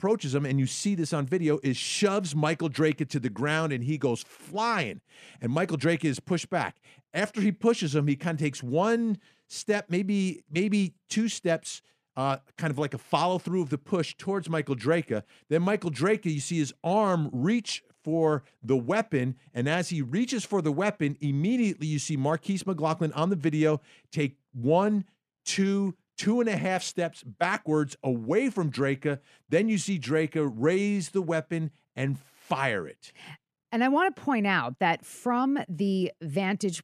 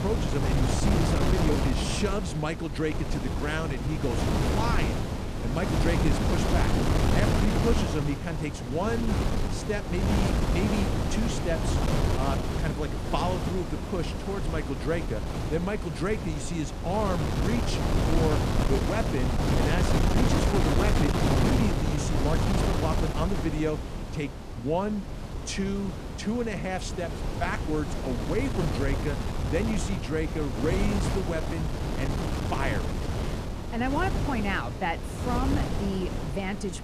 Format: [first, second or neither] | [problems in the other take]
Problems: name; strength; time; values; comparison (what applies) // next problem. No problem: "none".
first | wind noise on the microphone; heavy; as loud as the speech